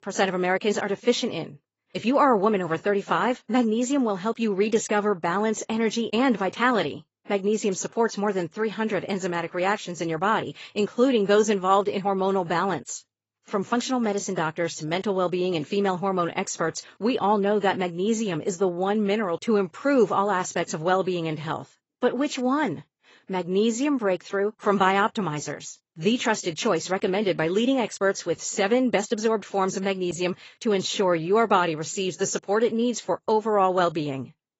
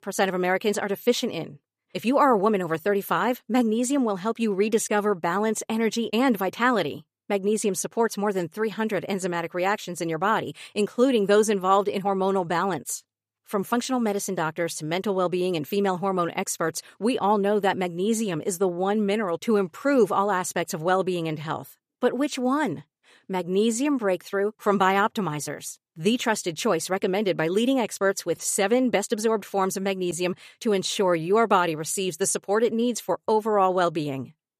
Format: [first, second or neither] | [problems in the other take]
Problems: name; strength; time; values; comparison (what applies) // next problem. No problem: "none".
second | garbled, watery; badly; nothing above 7.5 kHz